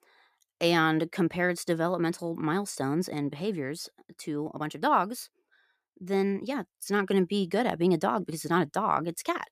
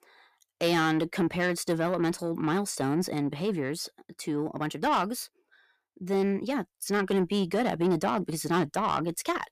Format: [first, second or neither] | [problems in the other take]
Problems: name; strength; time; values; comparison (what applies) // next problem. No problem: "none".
first | distortion; slight; 10 dB below the speech